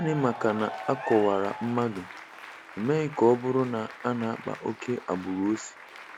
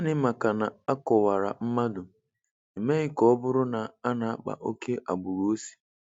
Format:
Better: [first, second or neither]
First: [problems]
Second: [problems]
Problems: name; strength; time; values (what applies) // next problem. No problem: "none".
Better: second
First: background sound (Applause / Cheering); 13 dB below the speech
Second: none